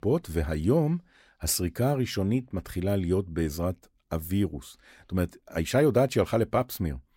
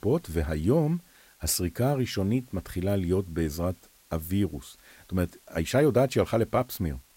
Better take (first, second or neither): first